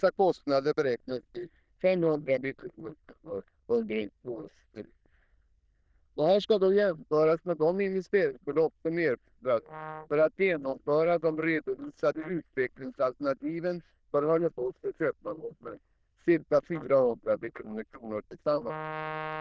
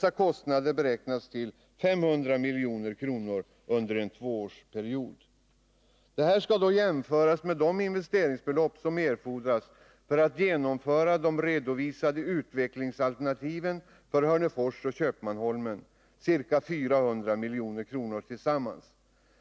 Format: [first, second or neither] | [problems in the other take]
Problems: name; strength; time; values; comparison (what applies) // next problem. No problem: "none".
second | noise reduction (neural diffusion model UNIVERSE++)